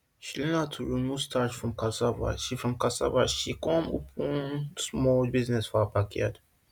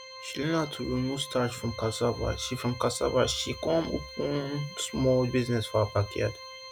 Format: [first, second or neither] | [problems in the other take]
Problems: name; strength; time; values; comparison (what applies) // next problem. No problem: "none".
first | background sound (Organ); 15 dB below the speech